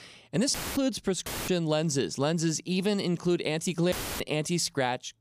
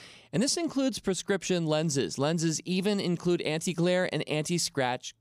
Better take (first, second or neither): second